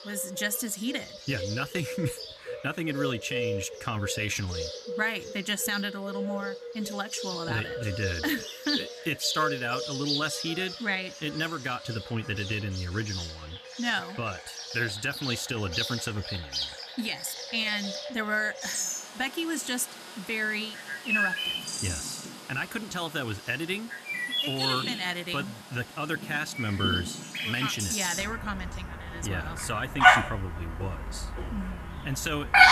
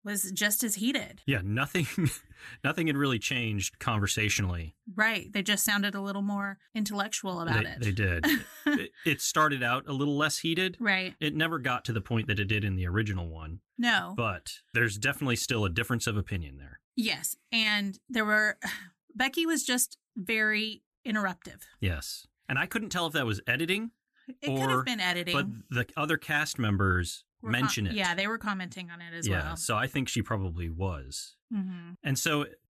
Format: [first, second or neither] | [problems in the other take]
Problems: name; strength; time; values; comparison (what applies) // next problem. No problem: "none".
second | animal sounds; very loud; throughout; as loud as the speech